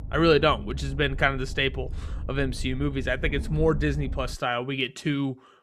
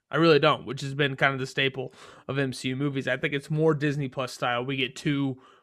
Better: second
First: low rumble; faint; until 4.5 s; 25 dB below the speech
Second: none

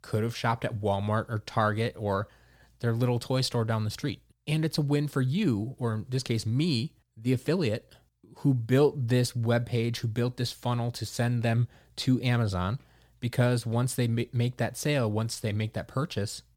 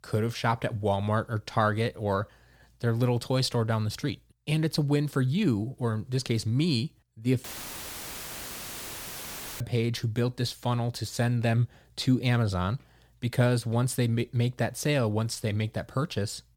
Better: first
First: none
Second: audio cutting out; filled with static; at 7.5 s for 2 s

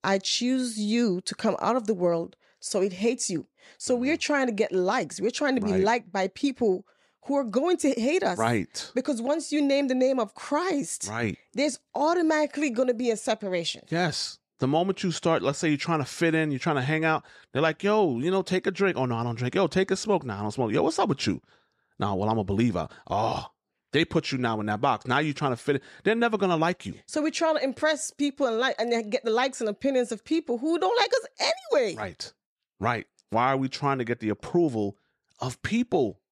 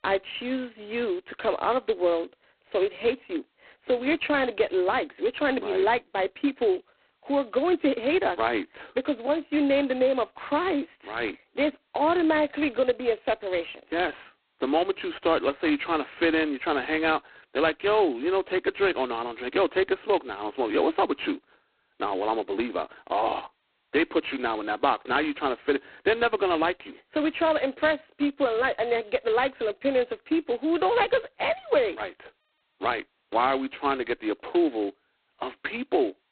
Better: first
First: none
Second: phone-call audio; poor line; nothing above 4 kHz

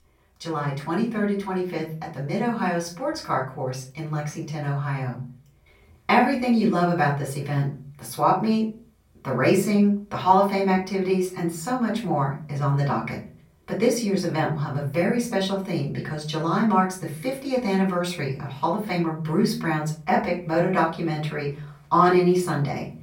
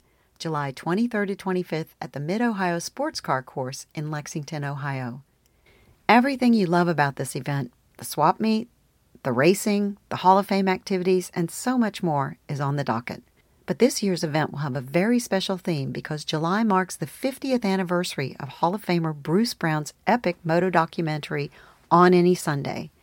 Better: second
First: off-mic speech; far // room echo; slight; dies away in 0.4 s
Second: none

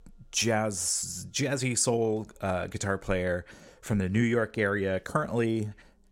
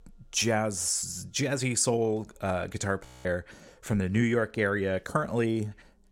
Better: first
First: none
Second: audio freezing; at 3 s

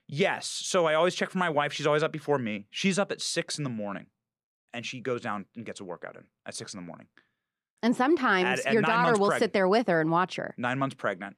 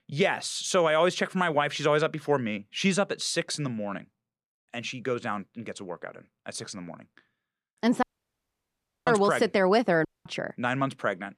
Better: first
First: none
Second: audio cutting out; at 8 s for 1 s and at 10 s

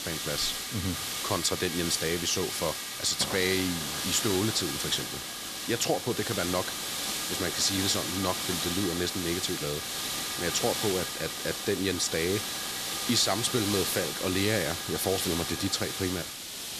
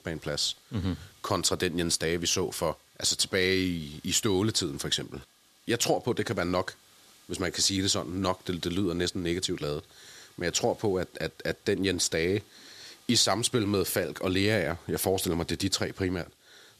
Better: second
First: hiss; loud; throughout; 2 dB below the speech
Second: hiss; faint; throughout; 30 dB below the speech

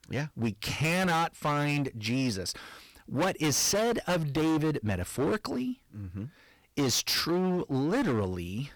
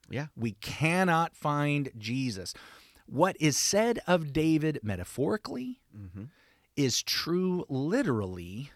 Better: second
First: distortion; heavy; 18% of the sound clipped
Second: none

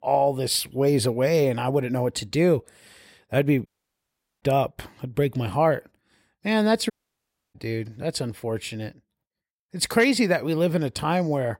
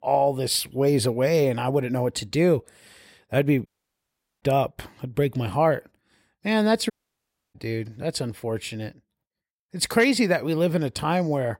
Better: neither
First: audio cutting out; at 3.5 s for 1 s and at 7 s for 0.5 s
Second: audio cutting out; at 3.5 s for 1 s and at 7 s for 0.5 s

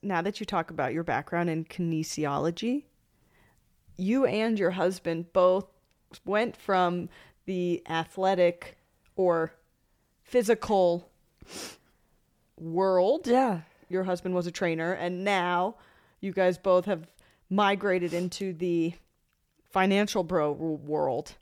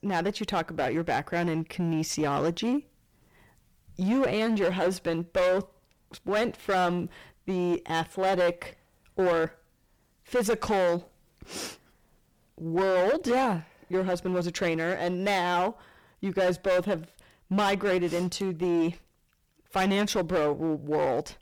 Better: first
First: none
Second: distortion; heavy; 11% of the sound clipped

